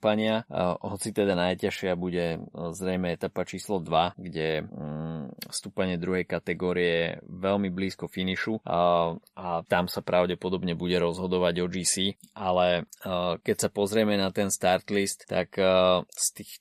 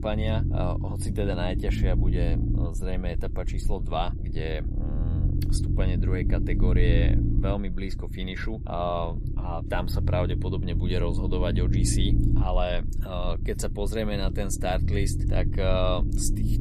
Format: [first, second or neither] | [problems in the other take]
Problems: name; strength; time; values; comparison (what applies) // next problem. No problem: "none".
first | low rumble; loud; throughout; 8 dB below the speech